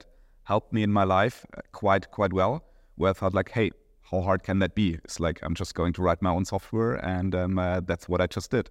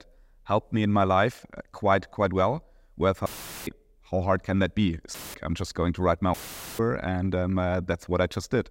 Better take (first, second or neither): first